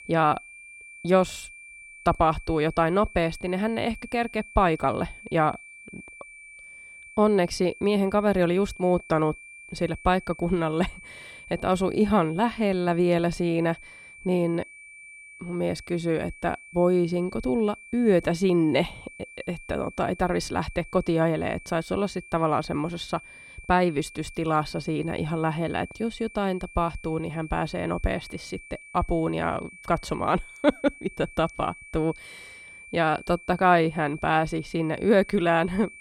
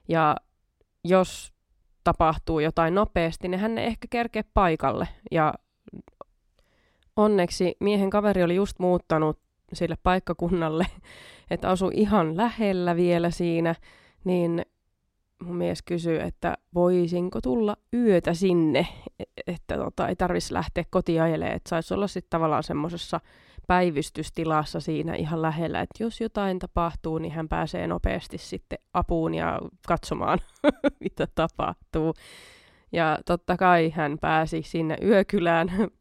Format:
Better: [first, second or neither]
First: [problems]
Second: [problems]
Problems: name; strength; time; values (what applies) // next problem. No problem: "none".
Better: second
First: high-pitched whine; noticeable; throughout; 2.5 kHz, 20 dB below the speech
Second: none